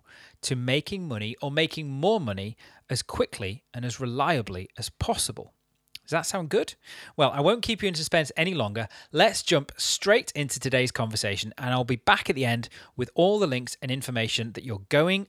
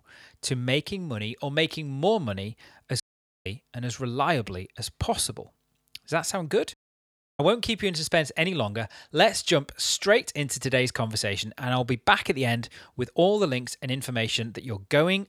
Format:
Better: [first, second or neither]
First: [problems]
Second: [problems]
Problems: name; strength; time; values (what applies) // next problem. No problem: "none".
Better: first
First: none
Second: audio cutting out; at 3 s and at 6.5 s for 0.5 s